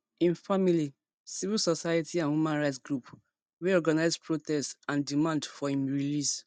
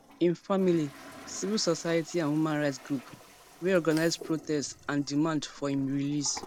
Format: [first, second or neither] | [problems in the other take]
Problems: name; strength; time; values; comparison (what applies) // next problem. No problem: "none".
first | background sound (Toilet flush); 19 dB below the speech